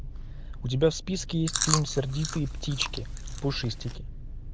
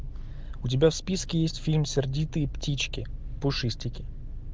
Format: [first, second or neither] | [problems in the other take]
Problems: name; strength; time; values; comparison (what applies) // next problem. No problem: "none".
second | background sound (Chewing, mastication); 5 dB below the speech